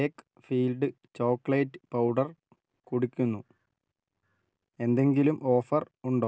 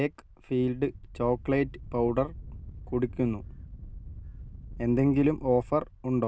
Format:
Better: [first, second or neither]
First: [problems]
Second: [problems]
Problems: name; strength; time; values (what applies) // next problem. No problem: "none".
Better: first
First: none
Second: background sound (Wind); 14 dB below the speech